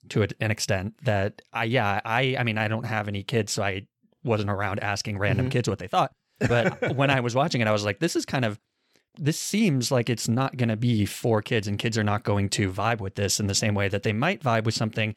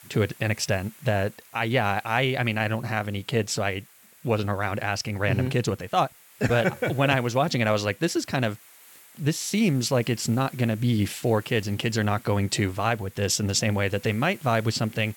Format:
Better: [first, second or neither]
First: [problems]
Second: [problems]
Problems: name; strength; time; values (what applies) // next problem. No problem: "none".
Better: first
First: none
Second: hiss; faint; throughout; 25 dB below the speech